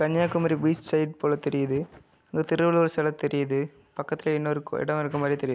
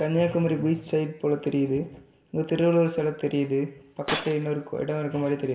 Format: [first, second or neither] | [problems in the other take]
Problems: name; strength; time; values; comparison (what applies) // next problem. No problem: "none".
first | background sound (Shatter); 9 dB below the speech // room echo; dies away in 0.7 s